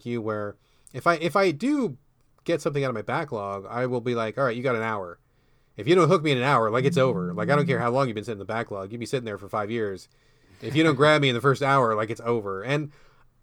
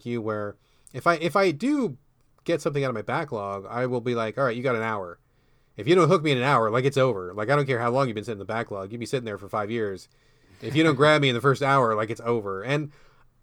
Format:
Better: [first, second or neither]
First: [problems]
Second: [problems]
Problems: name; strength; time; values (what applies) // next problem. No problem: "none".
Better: second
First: phone ringing; noticeable; from 7 to 8 s; peak 6 dB below the speech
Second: none